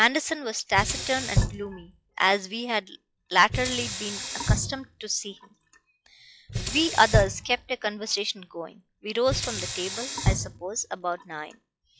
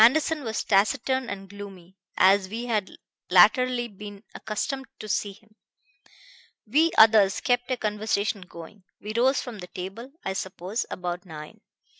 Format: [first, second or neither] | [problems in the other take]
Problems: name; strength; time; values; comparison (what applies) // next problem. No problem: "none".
second | noise reduction (classical method log-MMSE)